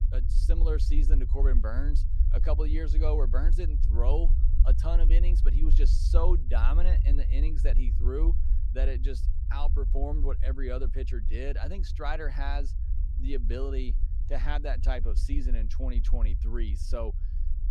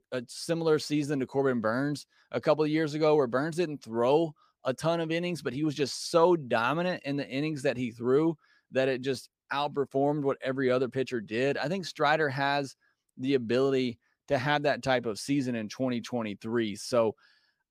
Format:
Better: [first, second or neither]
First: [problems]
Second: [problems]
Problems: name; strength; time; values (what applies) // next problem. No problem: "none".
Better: second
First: low rumble; noticeable; throughout; 10 dB below the speech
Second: none